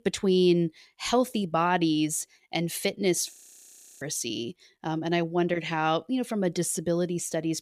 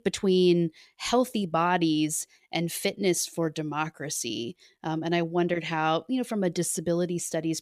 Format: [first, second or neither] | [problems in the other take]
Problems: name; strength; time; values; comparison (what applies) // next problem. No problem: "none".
second | audio freezing; at 3.5 s for 0.5 s